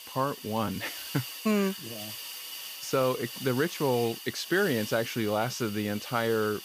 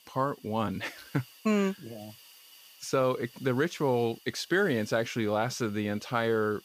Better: second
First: hiss; loud; throughout; 9 dB below the speech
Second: hiss; faint; throughout; 25 dB below the speech

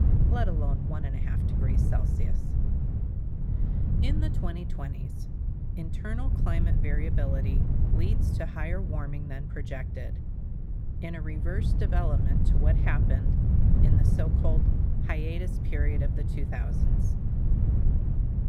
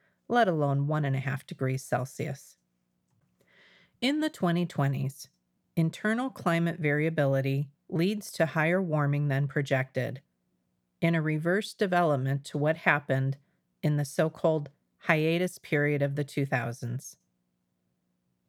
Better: second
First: wind noise on the microphone; heavy; 2 dB below the speech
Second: none

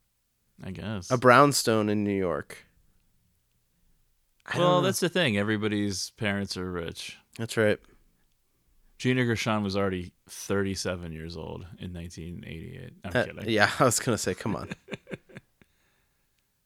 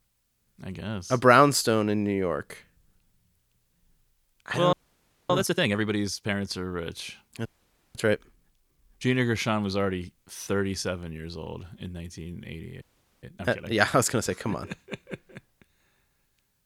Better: first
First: none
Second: audio freezing; at 4.5 s for 0.5 s, at 7.5 s for 0.5 s and at 13 s

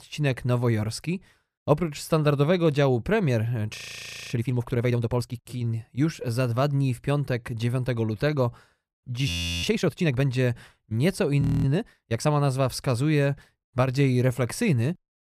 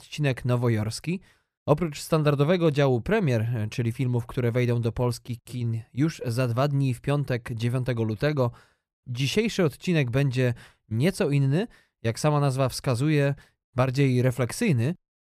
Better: second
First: audio freezing; at 4 s for 0.5 s, at 9.5 s and at 11 s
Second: none

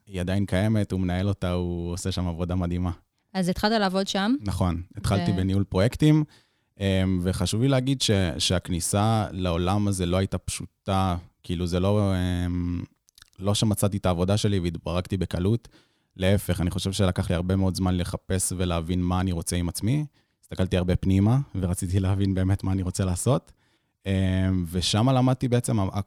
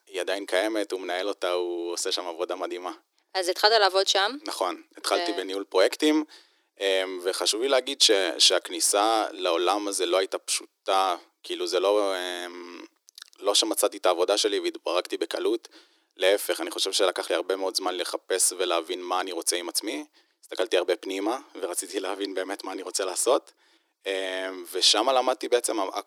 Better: first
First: none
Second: thin; very; fading below 300 Hz

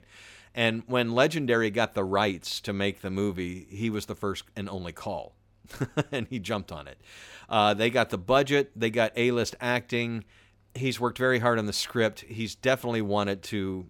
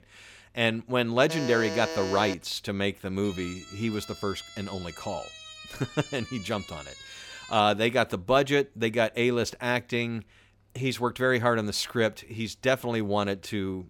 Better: first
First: none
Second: alarm; noticeable; from 1.5 to 2.5 s; peak 6 dB below the speech // siren; faint; from 3 to 7.5 s; peak 15 dB below the speech

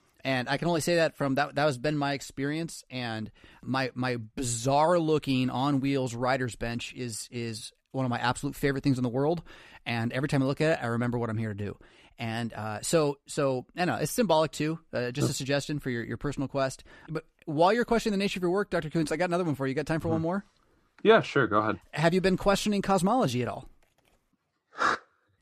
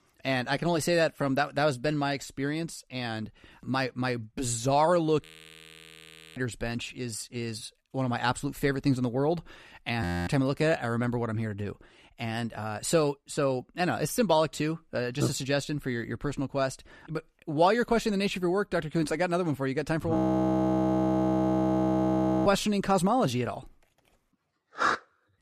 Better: first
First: none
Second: audio freezing; at 5 s for 1 s, at 10 s and at 20 s for 2.5 s

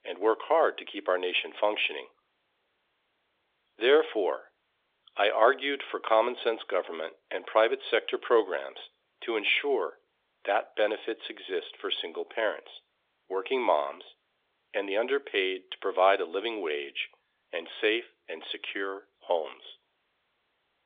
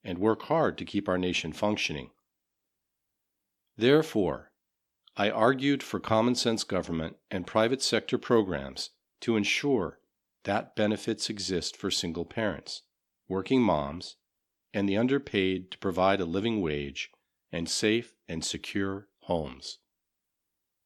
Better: second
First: phone-call audio; nothing above 3 kHz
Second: none

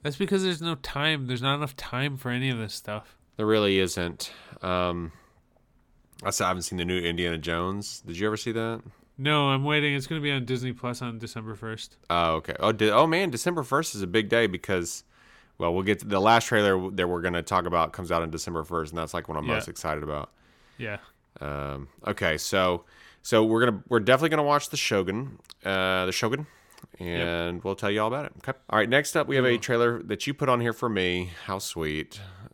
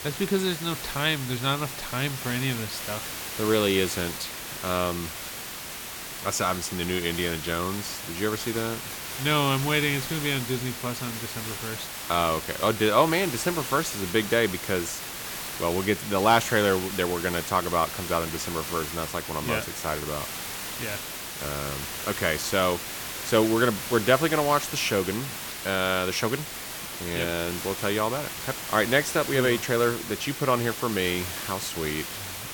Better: first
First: none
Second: hiss; loud; throughout; 6 dB below the speech

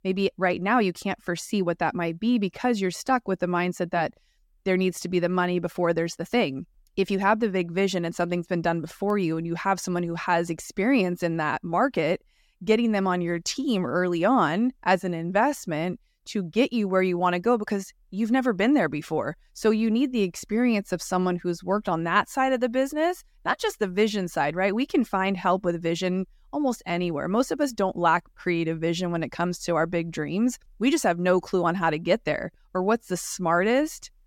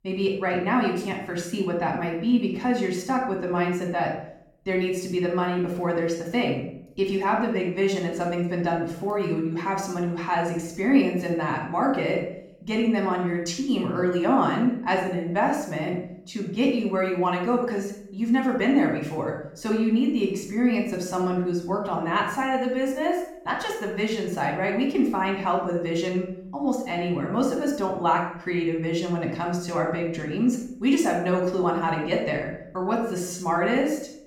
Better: first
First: none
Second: off-mic speech; somewhat distant // room echo; noticeable; dies away in 0.6 s

